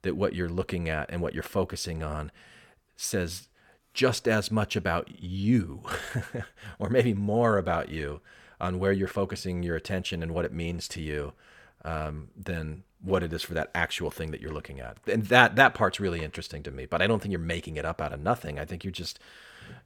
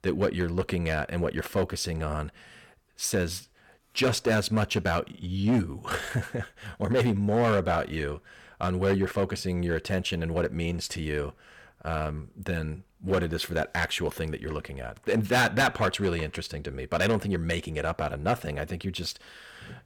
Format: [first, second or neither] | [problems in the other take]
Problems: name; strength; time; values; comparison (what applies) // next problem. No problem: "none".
first | distortion; heavy; 4% of the sound clipped